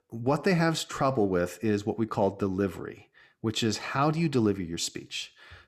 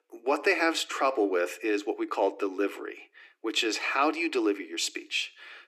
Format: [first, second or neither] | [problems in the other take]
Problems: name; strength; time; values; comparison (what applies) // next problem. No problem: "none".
first | thin; somewhat; fading below 300 Hz